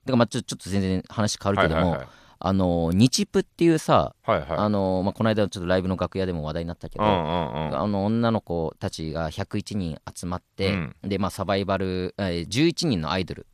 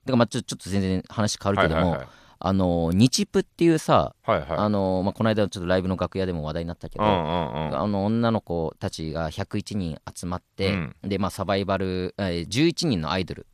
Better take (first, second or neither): neither